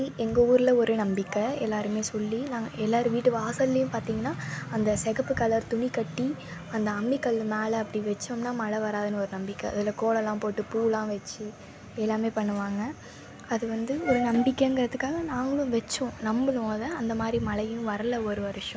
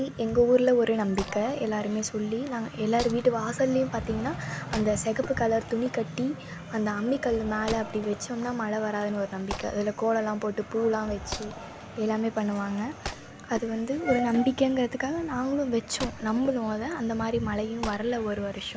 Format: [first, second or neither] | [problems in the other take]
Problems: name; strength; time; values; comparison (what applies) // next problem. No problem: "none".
first | background sound (Cheering + Wood); 16 dB below the speech